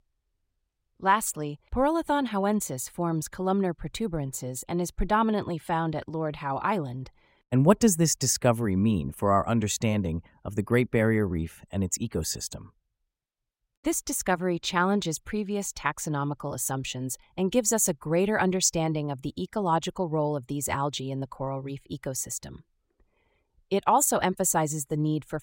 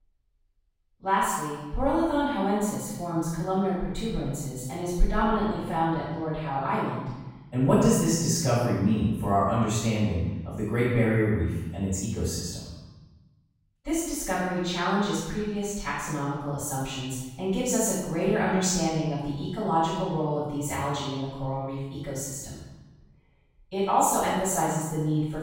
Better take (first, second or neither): first